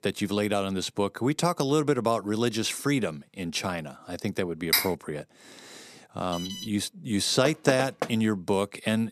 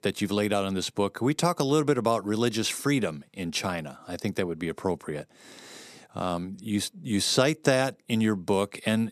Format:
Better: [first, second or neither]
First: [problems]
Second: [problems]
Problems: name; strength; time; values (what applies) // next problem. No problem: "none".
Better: second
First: clattering dishes; loud; at 4.5 s; peak 3 dB above the speech // alarm; noticeable; at 6.5 s; peak 9 dB below the speech // door banging; noticeable; at 7.5 s; peak 5 dB below the speech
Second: none